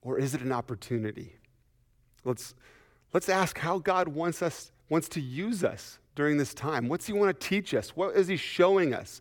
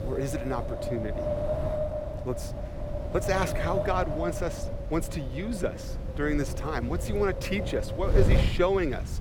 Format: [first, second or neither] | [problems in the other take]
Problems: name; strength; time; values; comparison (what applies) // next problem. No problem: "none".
first | wind noise on the microphone; heavy; 3 dB below the speech